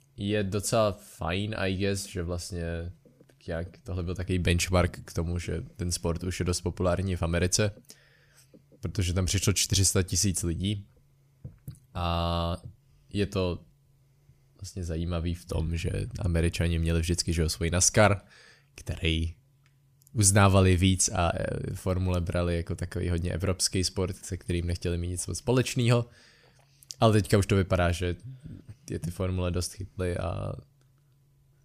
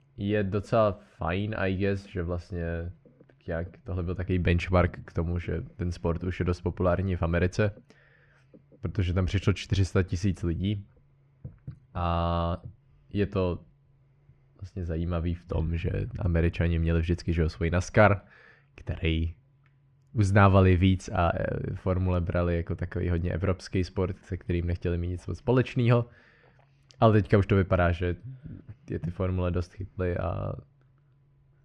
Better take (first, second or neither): first